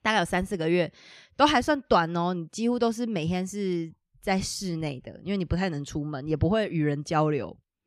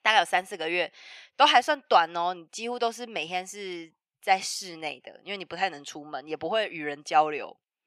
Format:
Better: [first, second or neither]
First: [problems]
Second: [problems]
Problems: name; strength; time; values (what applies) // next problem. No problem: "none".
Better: first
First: none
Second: thin; very; fading below 550 Hz